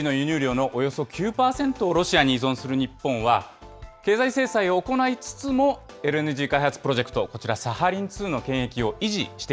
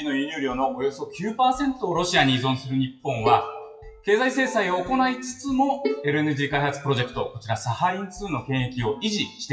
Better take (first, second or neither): first